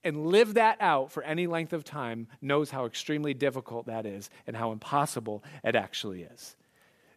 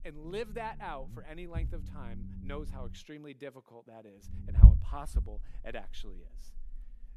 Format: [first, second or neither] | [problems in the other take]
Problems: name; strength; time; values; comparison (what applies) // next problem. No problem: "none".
first | low rumble; loud; until 3 s and from 4.5 s on; 2 dB below the speech